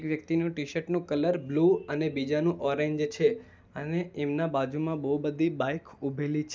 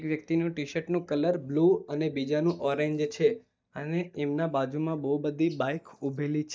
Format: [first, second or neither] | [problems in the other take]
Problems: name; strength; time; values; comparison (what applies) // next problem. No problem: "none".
first | noise reduction (neural mask model DeepFilterNet 3)